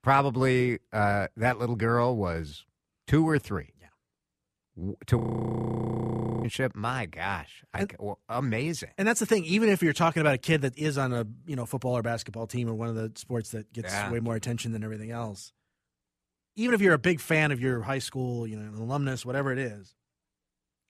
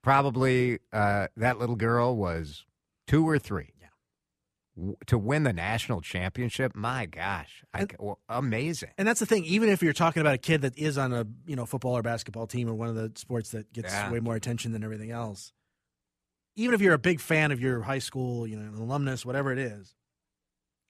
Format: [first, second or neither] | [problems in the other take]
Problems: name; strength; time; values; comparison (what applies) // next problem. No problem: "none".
second | audio freezing; at 5 s for 1.5 s